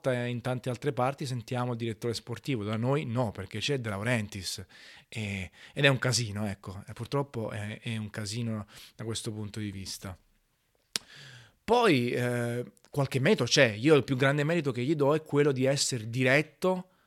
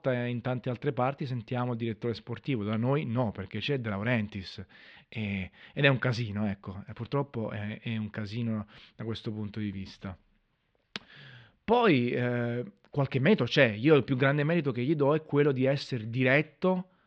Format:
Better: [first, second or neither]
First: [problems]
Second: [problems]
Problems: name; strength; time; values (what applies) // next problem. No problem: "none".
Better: first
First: none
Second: muffled; slightly; fading above 3.5 kHz